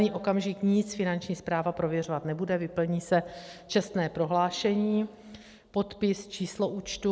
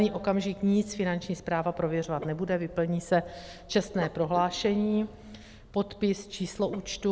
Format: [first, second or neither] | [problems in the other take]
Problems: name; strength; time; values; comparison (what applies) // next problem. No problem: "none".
first | background sound (Dog); 19 dB below the speech